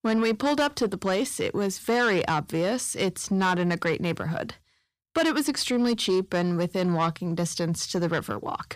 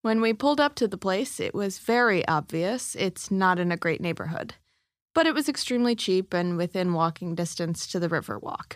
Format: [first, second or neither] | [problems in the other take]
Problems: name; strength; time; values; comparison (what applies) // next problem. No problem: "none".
second | distortion; slight; 10 dB below the speech